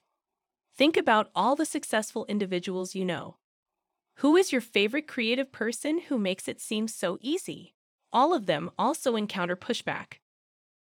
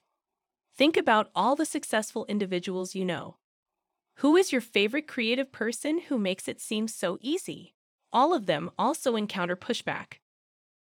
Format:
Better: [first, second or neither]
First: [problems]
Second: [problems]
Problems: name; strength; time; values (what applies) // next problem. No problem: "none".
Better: neither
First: none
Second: none